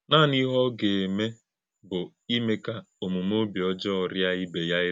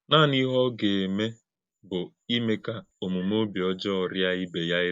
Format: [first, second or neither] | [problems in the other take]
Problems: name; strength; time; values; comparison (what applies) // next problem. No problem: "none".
first | noise reduction (neural mask model Resemble Enhance denoiser)